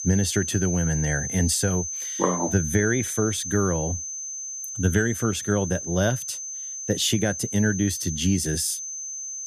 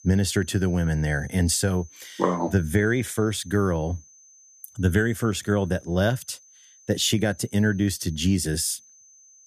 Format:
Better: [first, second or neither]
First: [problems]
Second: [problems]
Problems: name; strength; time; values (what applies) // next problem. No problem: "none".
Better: second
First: high-pitched whine; loud; throughout; 6 kHz, 5 dB below the speech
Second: high-pitched whine; faint; throughout; 6 kHz, 25 dB below the speech